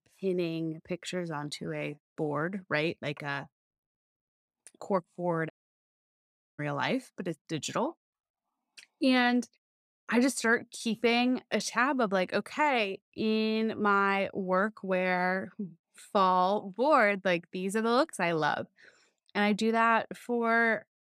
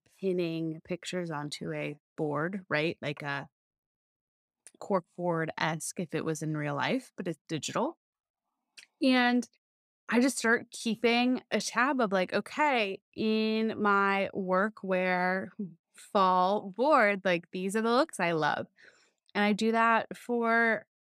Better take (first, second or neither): second